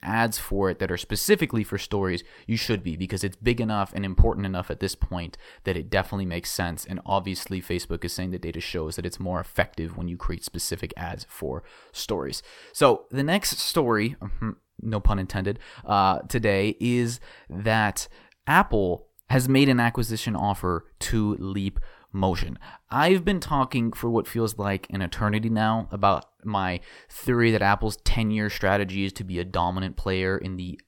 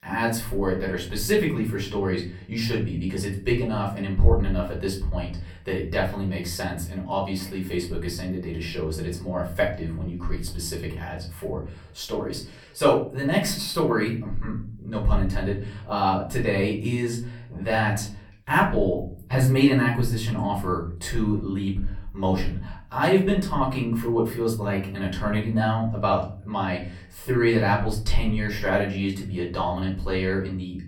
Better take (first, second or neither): first